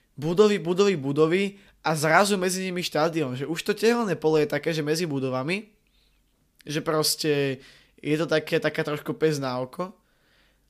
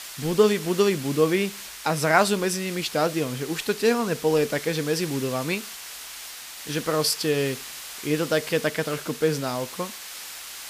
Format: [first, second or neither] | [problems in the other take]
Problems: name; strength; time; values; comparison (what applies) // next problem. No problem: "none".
first | hiss; noticeable; throughout; 10 dB below the speech